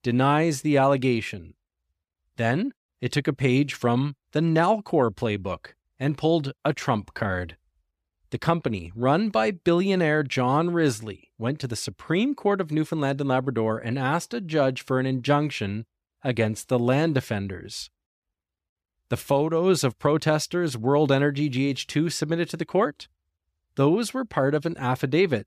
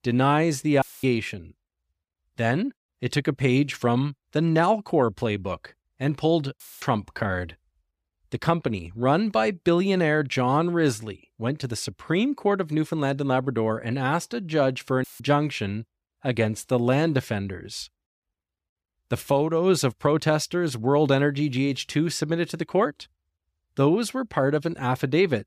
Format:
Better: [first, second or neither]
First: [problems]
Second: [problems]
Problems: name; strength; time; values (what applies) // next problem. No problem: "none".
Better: first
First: none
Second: audio cutting out; filled with static; at 1 s, at 6.5 s and at 15 s